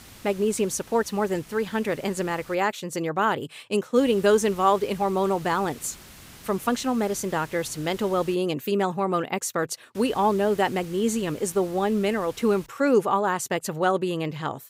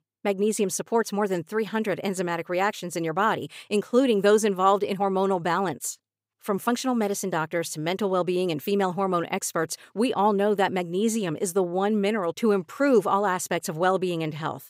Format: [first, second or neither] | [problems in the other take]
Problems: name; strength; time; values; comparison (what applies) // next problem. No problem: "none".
second | hiss; faint; until 2.5 s, from 4 to 8.5 s and from 10 to 13 s; 20 dB below the speech